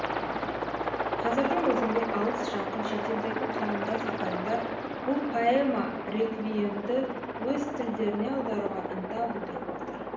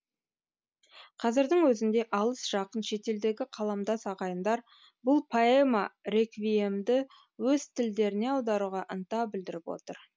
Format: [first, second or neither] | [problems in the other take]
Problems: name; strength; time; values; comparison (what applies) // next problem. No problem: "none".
second | background sound (Aircraft); 2 dB below the speech // room echo; dies away in 0.8 s